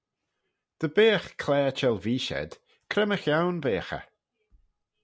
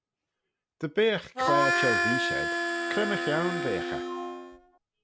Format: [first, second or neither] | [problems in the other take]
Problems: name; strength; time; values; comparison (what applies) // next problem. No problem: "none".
first | background sound (Harmonica); 3 dB above the speech